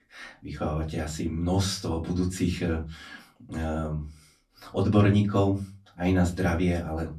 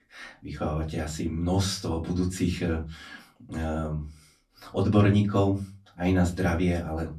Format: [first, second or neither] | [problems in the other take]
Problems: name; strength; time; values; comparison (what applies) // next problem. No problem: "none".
neither | off-mic speech; far; the same in both // room echo; very slight; dies away in 0.2 s; the same in both